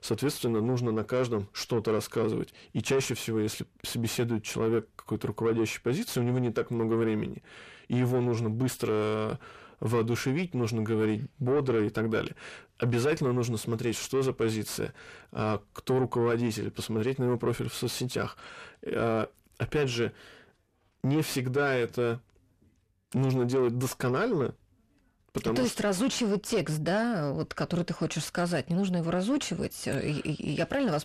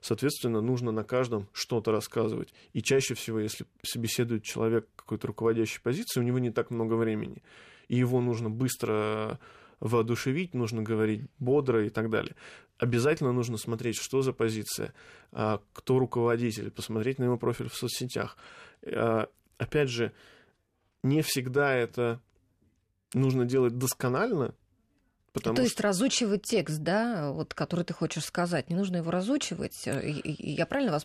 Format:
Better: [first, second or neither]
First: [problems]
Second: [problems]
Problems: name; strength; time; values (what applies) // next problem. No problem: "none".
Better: second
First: distortion; slight; 10 dB below the speech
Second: none